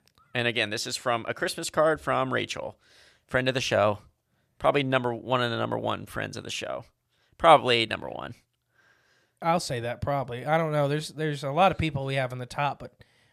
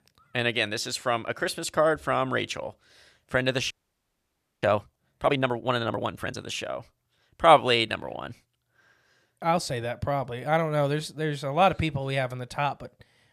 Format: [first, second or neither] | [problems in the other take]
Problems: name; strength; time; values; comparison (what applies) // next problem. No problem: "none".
first | audio freezing; at 3.5 s for 1 s